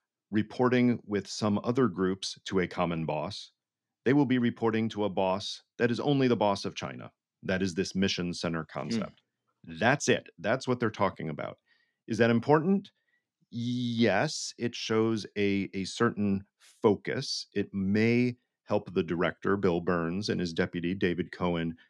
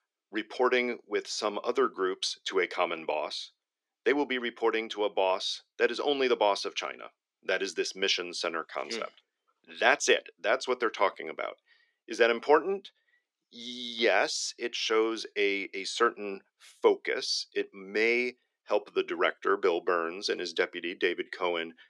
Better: first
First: none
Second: thin; very; fading below 400 Hz

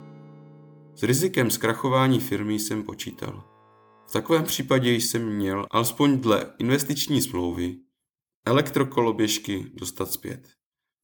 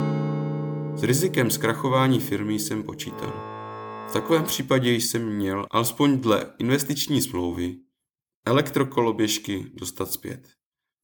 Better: first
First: background music; faint; until 4.5 s; 30 dB below the speech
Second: background music; loud; until 4.5 s; 9 dB below the speech

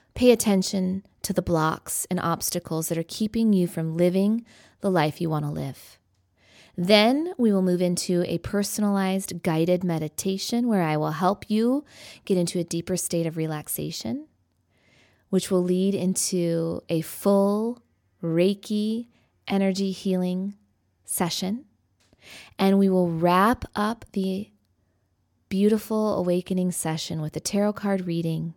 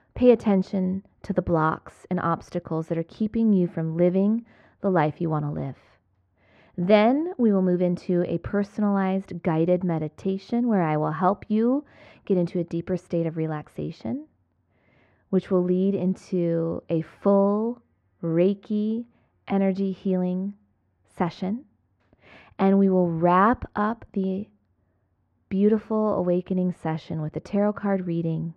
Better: first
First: none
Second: muffled; very; fading above 1.5 kHz

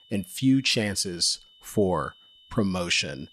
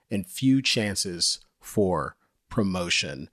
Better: second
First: high-pitched whine; faint; throughout; 3 kHz, 25 dB below the speech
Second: none

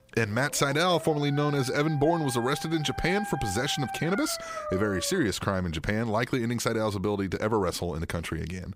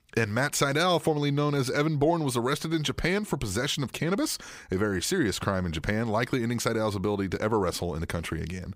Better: second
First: dog barking; noticeable; until 5.5 s; peak 7 dB below the speech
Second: none

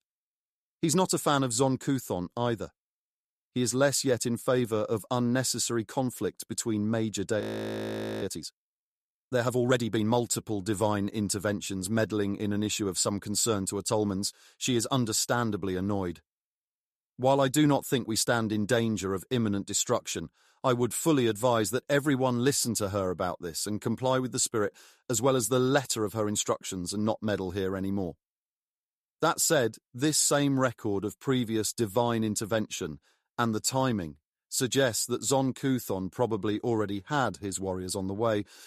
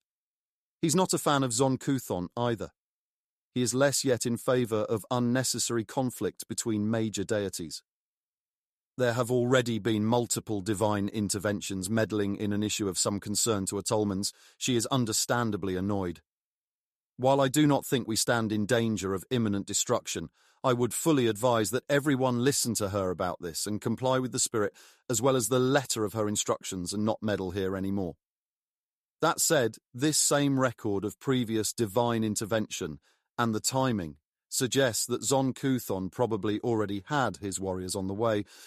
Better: second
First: audio freezing; at 7.5 s for 1 s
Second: none

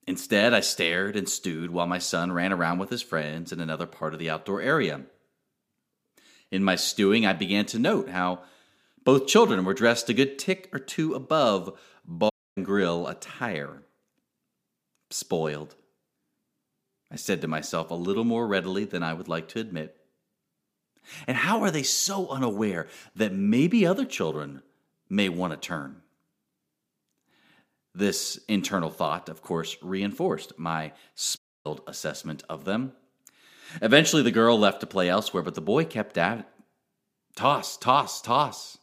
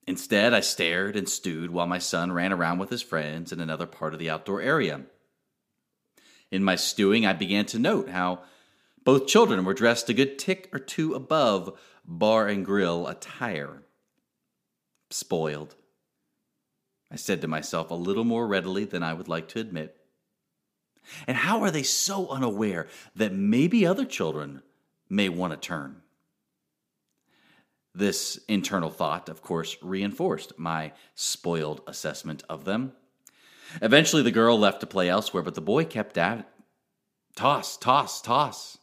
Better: second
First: audio cutting out; at 12 s and at 31 s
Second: none

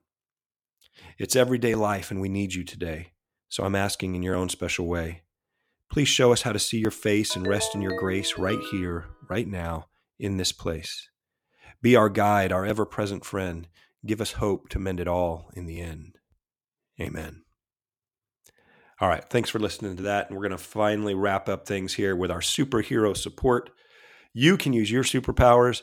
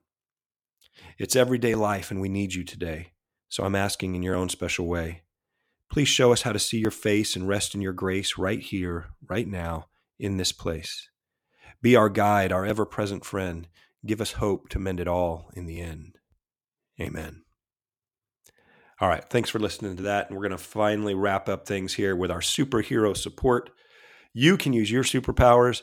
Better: second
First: phone ringing; noticeable; from 7.5 to 9 s; peak 7 dB below the speech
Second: none

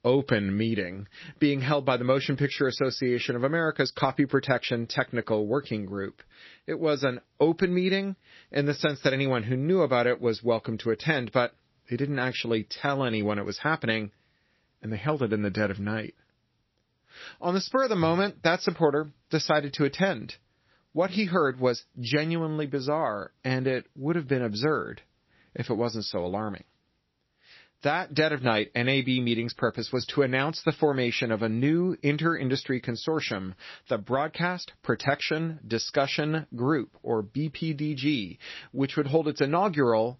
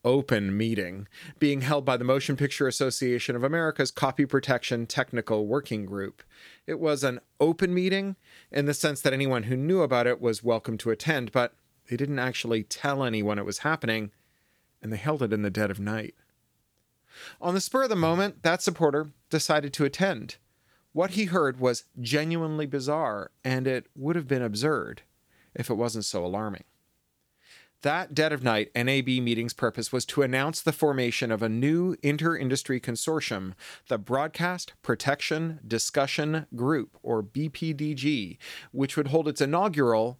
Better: second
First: garbled, watery; slightly; nothing above 5.5 kHz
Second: none

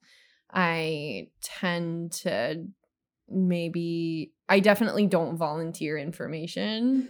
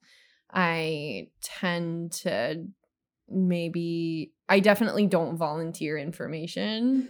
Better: neither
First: none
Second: none

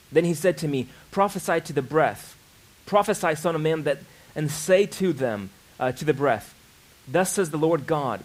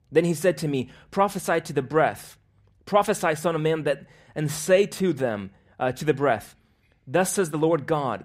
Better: second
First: hiss; faint; throughout; 30 dB below the speech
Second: none

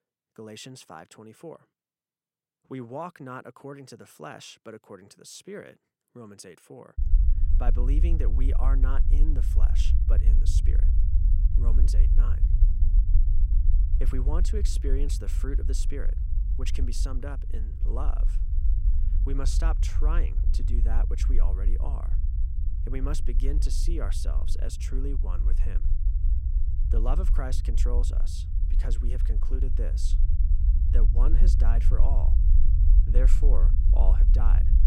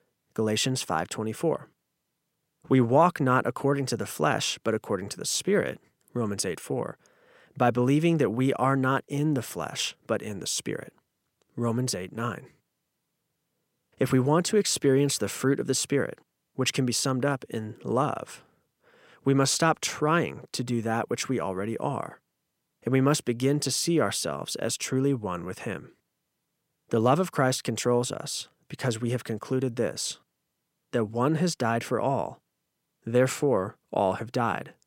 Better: second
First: low rumble; loud; from 7 s on; 7 dB below the speech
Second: none

